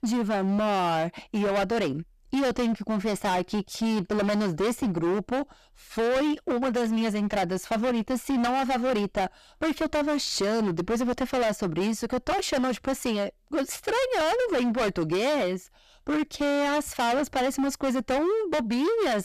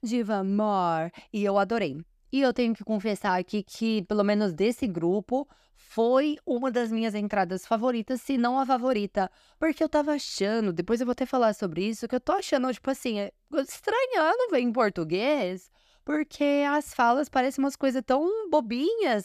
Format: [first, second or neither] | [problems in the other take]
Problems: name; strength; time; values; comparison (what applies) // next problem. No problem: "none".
second | distortion; heavy; 28% of the sound clipped